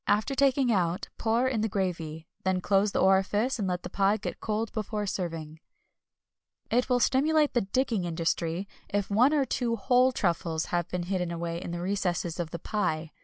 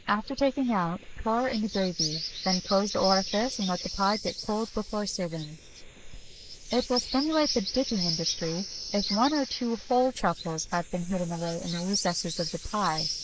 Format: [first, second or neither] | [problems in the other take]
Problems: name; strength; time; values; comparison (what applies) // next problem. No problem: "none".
first | noise reduction (neural mask model Resemble Enhance denoiser)